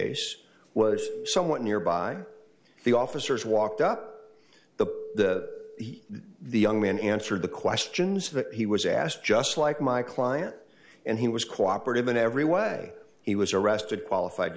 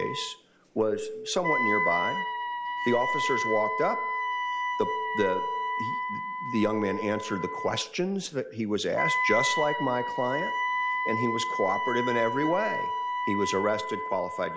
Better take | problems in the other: first | background sound (Wind instrument, woodwind instrument); 1 dB below the speech

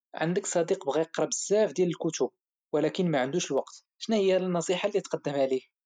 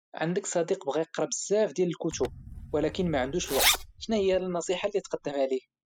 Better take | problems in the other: first | noise reduction (classical method spectral subtraction)

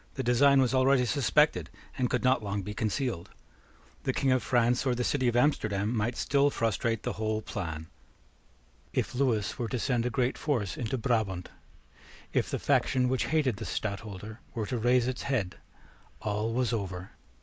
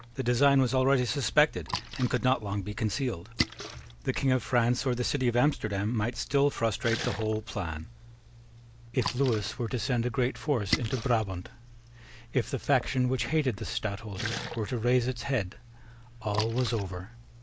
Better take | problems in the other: first | background sound (Splash, splatter); 12 dB below the speech

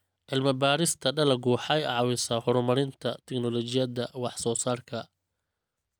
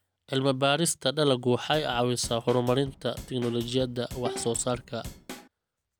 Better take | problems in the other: first | background sound (Bowed string instrument + Drum / Drum kit); 14 dB below the speech

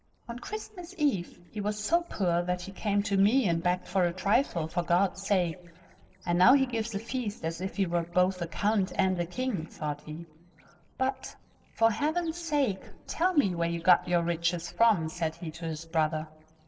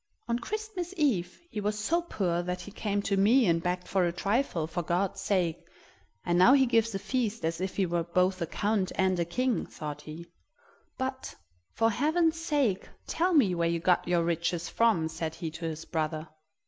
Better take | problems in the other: second | noise reduction (neural separator model SepFormer DNS4)

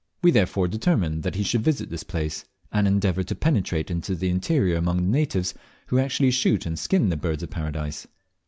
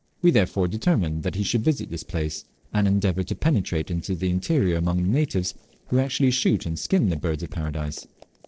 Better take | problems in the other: first | noise reduction (neural separator model SepFormer DNS4)

